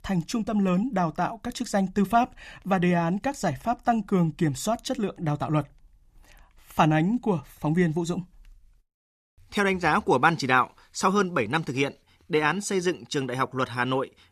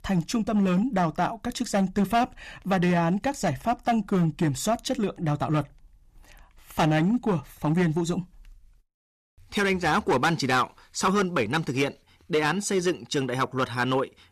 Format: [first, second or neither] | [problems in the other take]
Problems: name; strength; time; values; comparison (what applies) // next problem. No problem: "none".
first | distortion; slight; 7% of the sound clipped